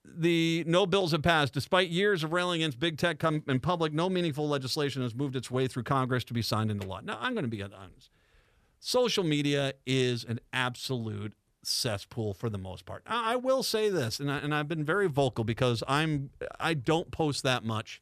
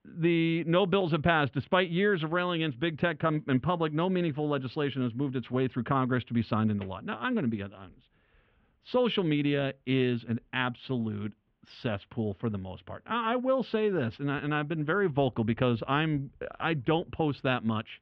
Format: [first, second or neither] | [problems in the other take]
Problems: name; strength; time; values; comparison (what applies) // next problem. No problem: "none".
first | muffled; very; fading above 3 kHz